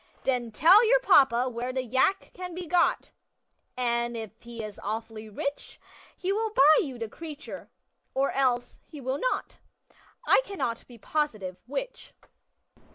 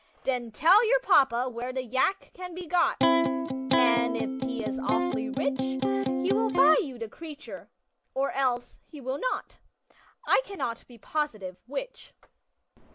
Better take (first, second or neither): first